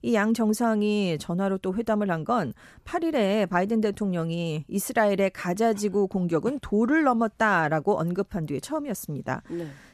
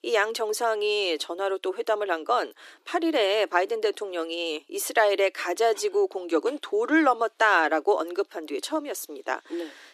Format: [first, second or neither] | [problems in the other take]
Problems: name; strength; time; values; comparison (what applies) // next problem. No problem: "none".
first | thin; very; fading below 300 Hz